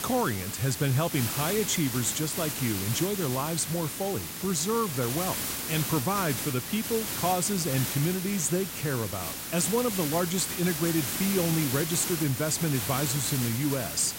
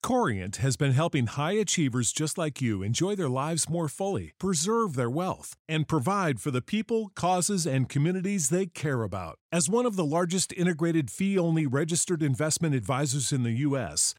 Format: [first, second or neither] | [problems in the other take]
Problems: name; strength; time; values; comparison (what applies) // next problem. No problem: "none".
second | hiss; loud; throughout; 3 dB below the speech